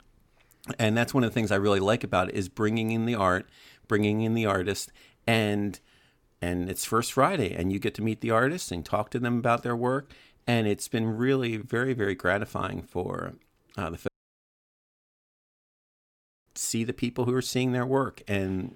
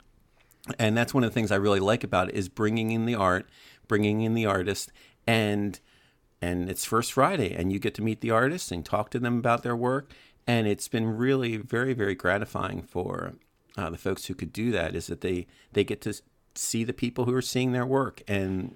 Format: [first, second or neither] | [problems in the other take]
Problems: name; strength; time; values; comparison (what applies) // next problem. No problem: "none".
second | audio cutting out; at 14 s for 2.5 s